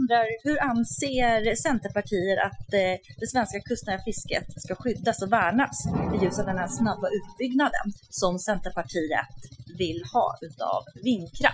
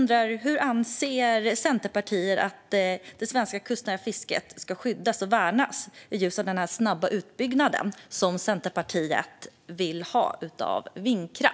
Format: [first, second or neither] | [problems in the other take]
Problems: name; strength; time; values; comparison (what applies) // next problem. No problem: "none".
second | noise reduction (classical method Wiener filter)